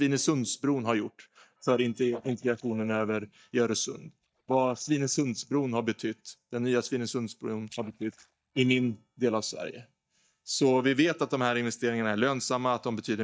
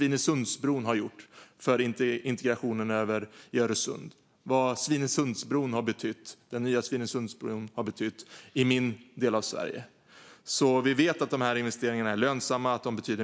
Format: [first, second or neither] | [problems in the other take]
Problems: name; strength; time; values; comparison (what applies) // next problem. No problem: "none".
second | noise reduction (neural mask model DeepFilterNet 3)